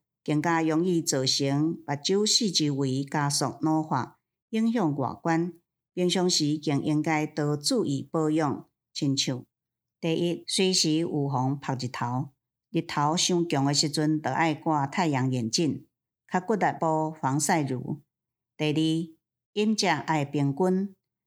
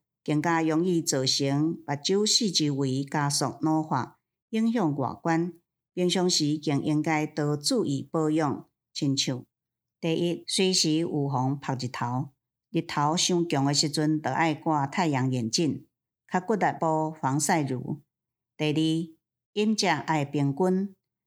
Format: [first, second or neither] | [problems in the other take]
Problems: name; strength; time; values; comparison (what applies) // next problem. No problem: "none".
neither | none